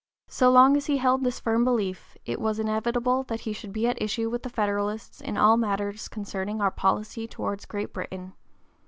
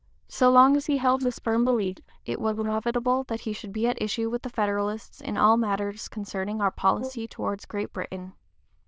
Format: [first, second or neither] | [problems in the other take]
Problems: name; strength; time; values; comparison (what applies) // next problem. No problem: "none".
first | noise reduction (neural diffusion model UNIVERSE++)